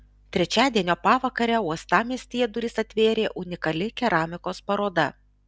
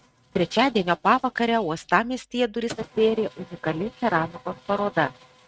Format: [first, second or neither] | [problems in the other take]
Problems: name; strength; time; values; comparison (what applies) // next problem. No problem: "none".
first | noise reduction (neural mask model RNNoise)